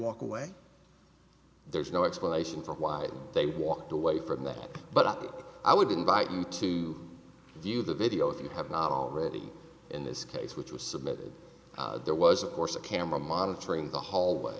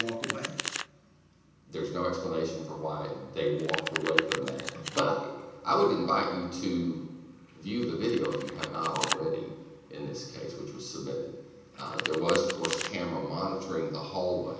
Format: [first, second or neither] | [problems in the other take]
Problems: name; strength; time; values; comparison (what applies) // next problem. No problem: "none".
first | background sound (Domestic sounds, home sounds); 8 dB below the speech // room echo; dies away in 0.9 s